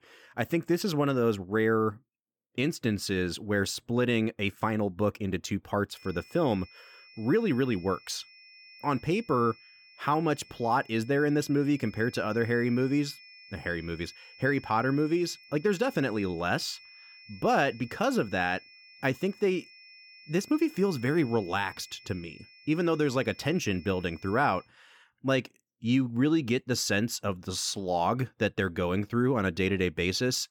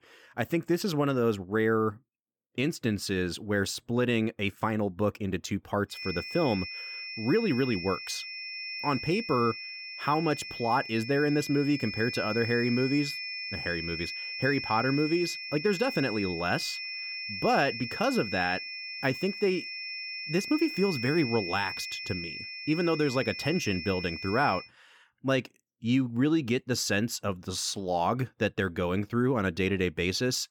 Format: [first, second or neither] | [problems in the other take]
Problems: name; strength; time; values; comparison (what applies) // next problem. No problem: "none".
first | high-pitched whine; loud; from 6 to 25 s; 2.5 kHz, 6 dB below the speech; faint in the first